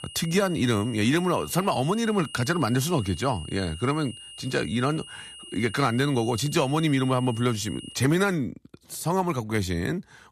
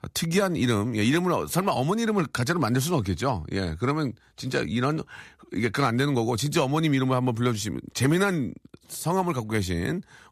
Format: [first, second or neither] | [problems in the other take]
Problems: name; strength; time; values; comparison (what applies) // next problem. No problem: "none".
second | high-pitched whine; noticeable; until 8 s; 3 kHz, 15 dB below the speech